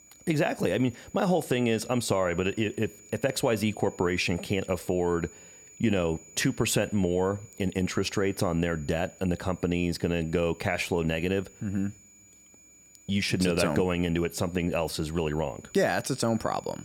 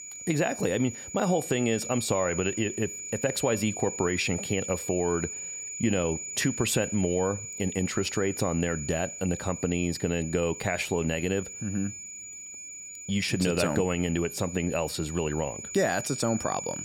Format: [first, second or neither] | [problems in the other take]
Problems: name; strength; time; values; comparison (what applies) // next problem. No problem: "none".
first | high-pitched whine; loud; throughout; 7 kHz, 7 dB below the speech; faint in the first